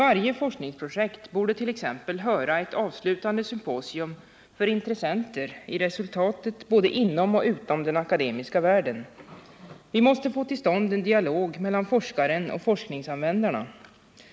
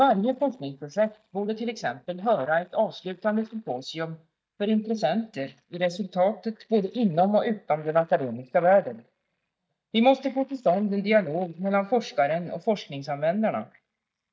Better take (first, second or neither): first